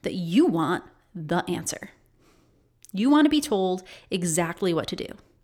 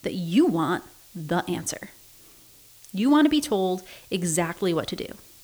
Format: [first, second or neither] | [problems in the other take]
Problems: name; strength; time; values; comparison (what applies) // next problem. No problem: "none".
first | hiss; faint; throughout; 25 dB below the speech